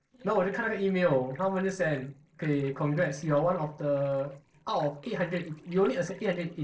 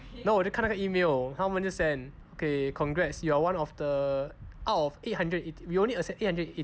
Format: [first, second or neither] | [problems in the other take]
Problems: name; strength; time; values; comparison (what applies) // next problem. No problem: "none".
second | noise reduction (neural separator model SepFormer DNS4)